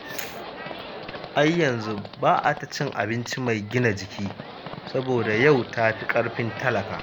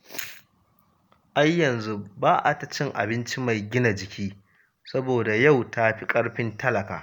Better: second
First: background sound (Livestock, farm animals, working animals); 12 dB below the speech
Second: none

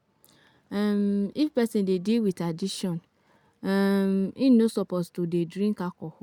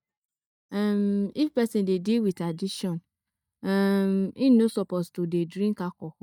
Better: first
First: none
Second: noise reduction (neural mask model DeepFilterNet 3)

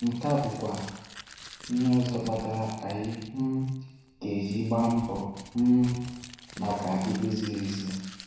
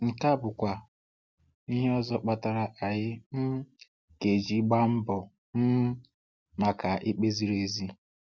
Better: second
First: background sound (Crumpling, crinkling); 18 dB below the speech // room echo; dies away in 1.1 s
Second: none

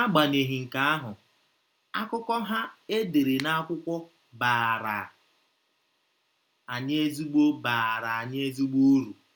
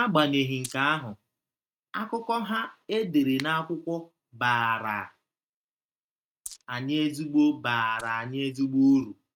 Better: first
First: none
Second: noise reduction (neural mask model RNNoise)

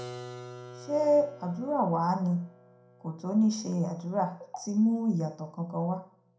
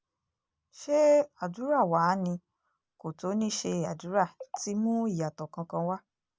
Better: second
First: background sound (Keyboard (musical)); 19 dB below the speech // room echo; dies away in 0.4 s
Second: none

